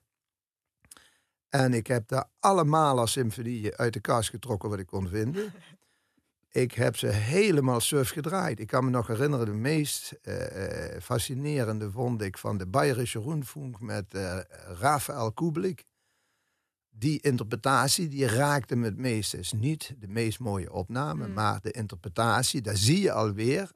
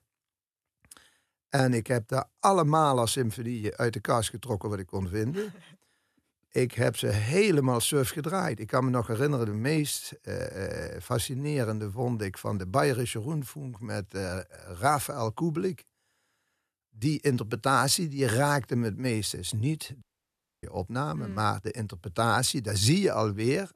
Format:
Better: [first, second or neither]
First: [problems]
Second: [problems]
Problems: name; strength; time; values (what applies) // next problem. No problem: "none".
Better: first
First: none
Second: audio cutting out; at 20 s for 0.5 s